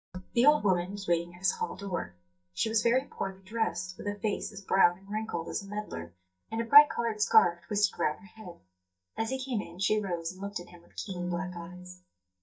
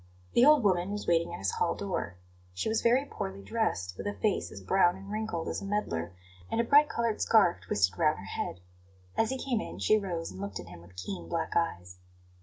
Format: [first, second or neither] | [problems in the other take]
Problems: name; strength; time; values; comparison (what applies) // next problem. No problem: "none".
second | noise reduction (neural mask model DeepFilterNet 3)